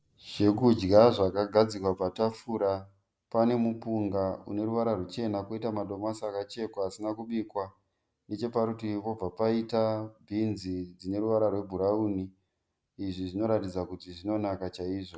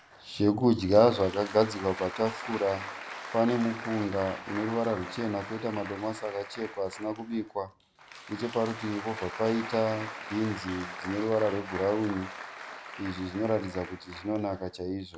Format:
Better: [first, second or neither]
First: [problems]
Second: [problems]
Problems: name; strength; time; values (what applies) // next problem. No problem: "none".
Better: first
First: none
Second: background sound (Applause); 12 dB below the speech